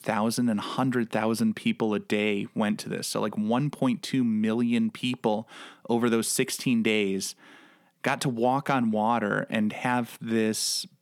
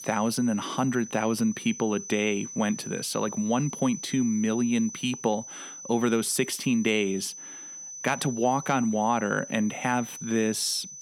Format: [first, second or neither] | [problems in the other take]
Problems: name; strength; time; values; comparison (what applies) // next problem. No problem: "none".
first | high-pitched whine; noticeable; throughout; 6 kHz, 10 dB below the speech